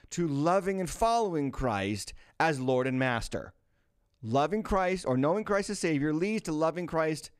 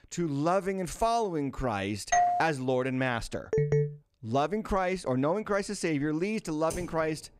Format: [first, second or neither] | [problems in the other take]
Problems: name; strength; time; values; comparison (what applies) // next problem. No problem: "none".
first | doorbell; loud; at 2 s; peak 4 dB above the speech // phone ringing; loud; at 3.5 s; peak 3 dB above the speech // keyboard typing; faint; at 6.5 s; peak 10 dB below the speech